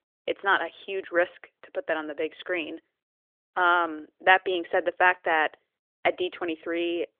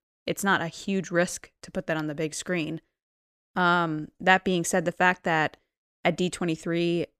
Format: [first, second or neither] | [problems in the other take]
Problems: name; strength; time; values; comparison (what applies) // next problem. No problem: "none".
second | phone-call audio; nothing above 3.5 kHz